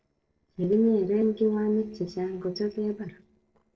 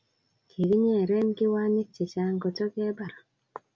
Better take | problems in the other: second | noise reduction (neural separator model SepFormer DNS4)

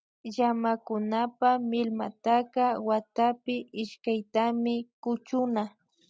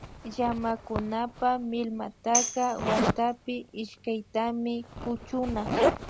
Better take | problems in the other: first | background sound (Tambourine + Zipper (clothing)); 2 dB below the speech

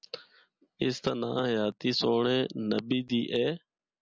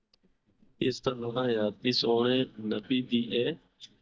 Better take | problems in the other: first | noise reduction (neural mask model DeepFilterNet 3)

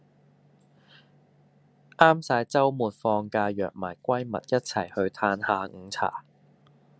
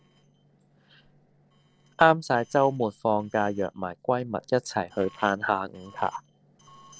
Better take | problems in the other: first | noise reduction (neural separator model SepFormer DNS4)

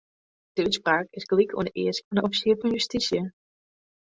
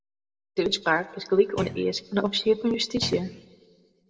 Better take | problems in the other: first | background sound (Thump, thud); 12 dB below the speech // room echo; dies away in 1.1 s

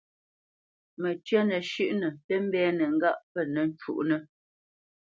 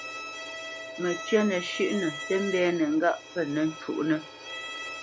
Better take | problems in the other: first | background sound (Bowed string instrument); 10 dB below the speech

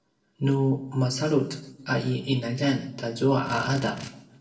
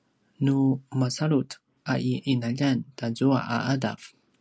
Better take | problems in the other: second | noise reduction (neural separator model SepFormer DNS4)

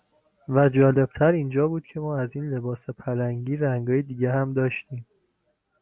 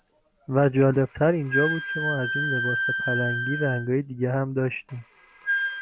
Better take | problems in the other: first | background sound (Wind instrument, woodwind instrument); 4 dB below the speech

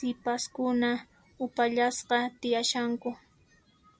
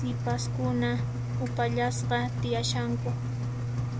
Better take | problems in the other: first | background sound (Engine); 2 dB above the speech

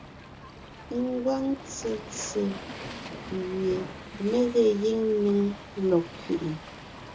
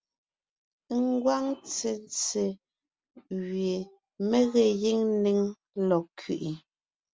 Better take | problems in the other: second | background sound (Waves, surf); 13 dB below the speech // room echo; dies away in 0.2 s

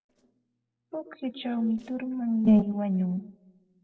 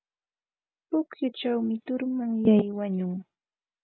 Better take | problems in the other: second | noise reduction (neural separator model SepFormer DNS4)

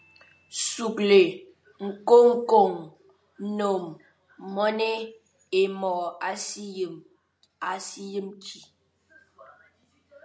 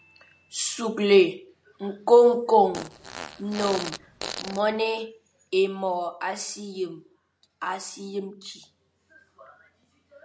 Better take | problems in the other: first | background sound (Fart); 11 dB below the speech

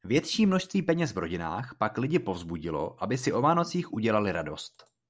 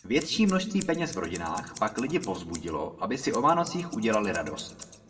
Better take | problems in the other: first | background sound (Scissors); 18 dB below the speech // room echo; dies away in 1.1 s

